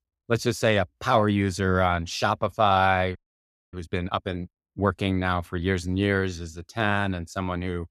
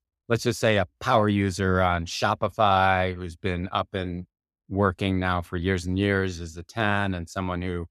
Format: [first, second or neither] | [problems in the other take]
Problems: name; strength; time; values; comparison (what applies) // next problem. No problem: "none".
second | audio freezing; at 3 s for 0.5 s